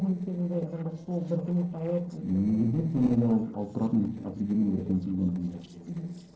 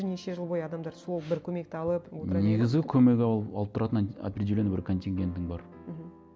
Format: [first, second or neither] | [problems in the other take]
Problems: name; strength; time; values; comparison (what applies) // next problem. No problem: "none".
second | noise reduction (neural separator model SepFormer DNS4)